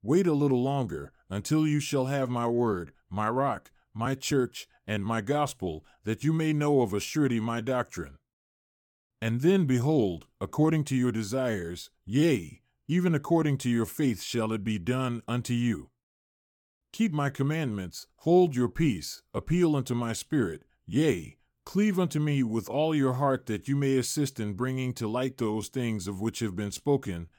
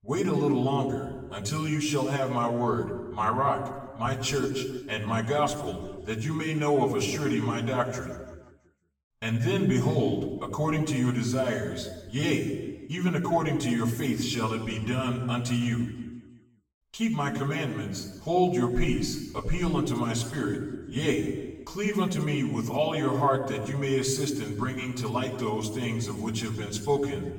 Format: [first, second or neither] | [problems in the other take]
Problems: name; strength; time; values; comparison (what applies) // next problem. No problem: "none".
first | room echo; noticeable; dies away in 1.1 s // off-mic speech; far